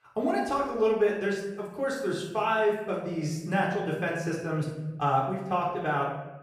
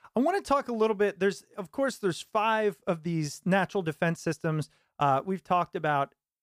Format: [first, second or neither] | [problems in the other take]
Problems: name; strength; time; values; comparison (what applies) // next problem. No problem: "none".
second | off-mic speech; far // room echo; noticeable; dies away in 0.9 s